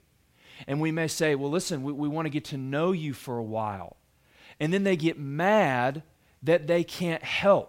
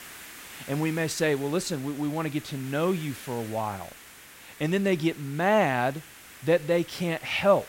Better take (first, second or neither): first